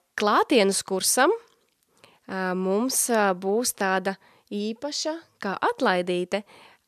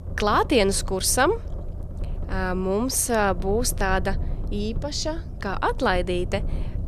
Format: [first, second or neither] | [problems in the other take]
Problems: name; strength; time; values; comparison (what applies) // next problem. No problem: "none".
first | low rumble; faint; throughout; 20 dB below the speech